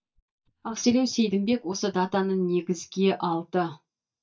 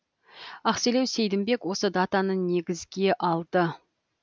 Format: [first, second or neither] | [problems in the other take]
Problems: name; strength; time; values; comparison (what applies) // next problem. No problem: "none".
second | noise reduction (neural mask model DeepFilterNet 3)